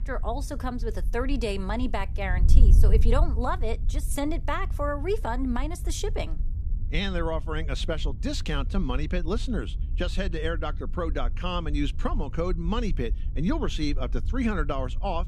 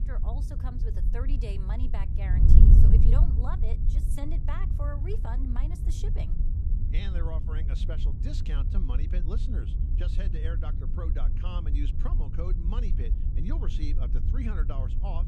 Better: first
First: wind noise on the microphone; occasional gusts; 15 dB below the speech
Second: wind noise on the microphone; heavy; 2 dB below the speech

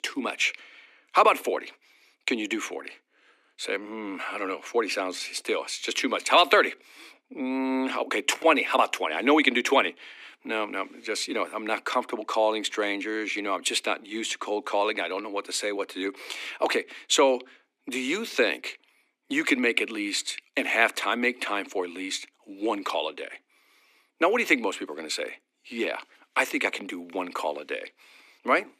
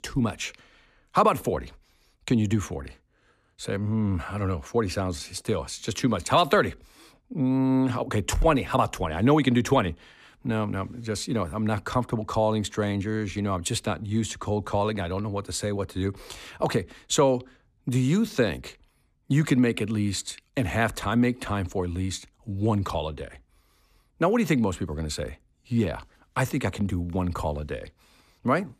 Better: second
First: thin; somewhat; fading below 300 Hz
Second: none

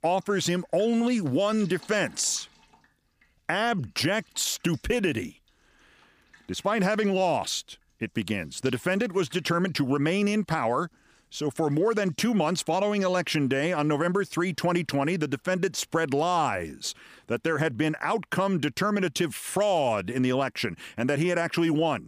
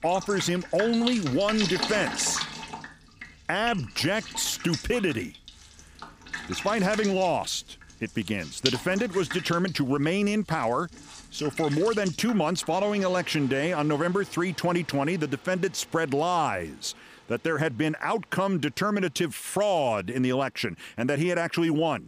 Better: first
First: rain or running water; faint; throughout; 30 dB below the speech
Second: rain or running water; loud; throughout; 9 dB below the speech

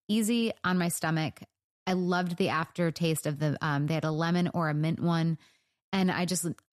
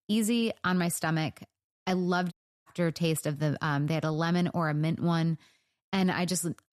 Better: first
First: none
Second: audio cutting out; at 2.5 s

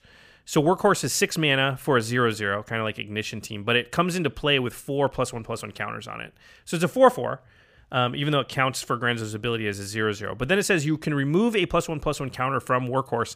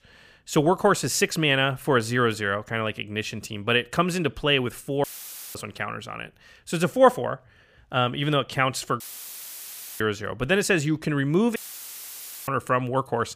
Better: first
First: none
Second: audio cutting out; filled with static; at 5 s for 0.5 s, at 9 s for 1 s and at 12 s for 1 s

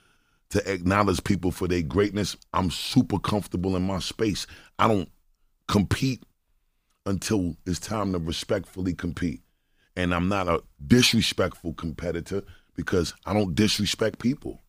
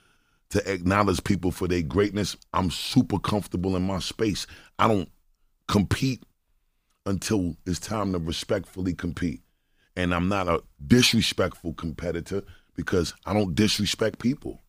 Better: neither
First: none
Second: none

